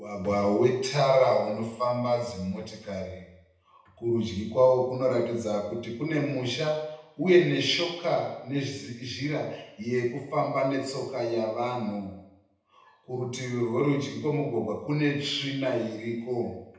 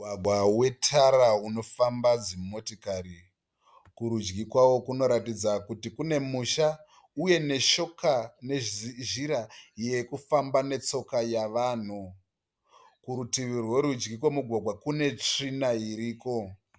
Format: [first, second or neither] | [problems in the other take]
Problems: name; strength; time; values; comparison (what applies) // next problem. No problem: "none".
second | room echo; dies away in 0.9 s